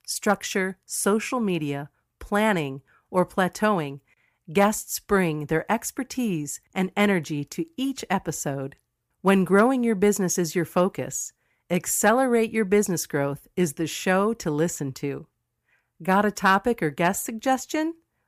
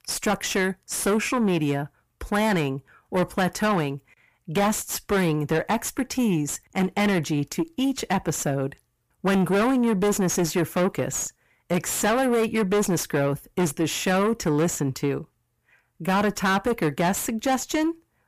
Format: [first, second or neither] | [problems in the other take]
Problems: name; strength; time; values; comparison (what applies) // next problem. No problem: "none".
first | distortion; heavy; 6 dB below the speech